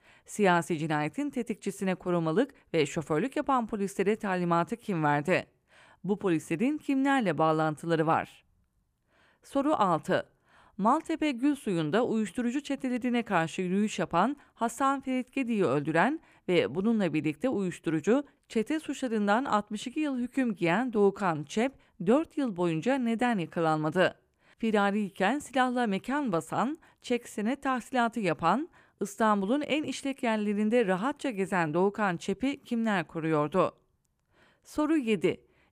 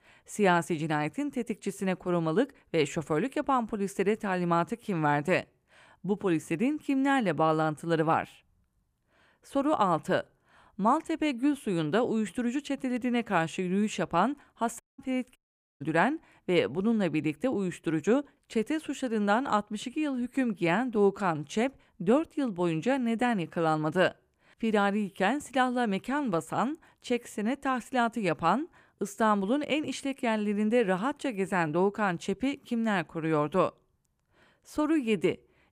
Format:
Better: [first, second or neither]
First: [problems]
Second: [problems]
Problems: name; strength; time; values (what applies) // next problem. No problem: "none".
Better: first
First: none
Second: audio cutting out; at 15 s